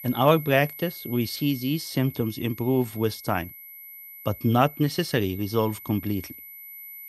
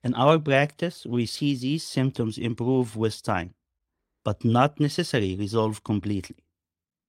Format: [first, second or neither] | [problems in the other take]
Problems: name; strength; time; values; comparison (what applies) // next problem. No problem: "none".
second | high-pitched whine; noticeable; throughout; 12 kHz, 15 dB below the speech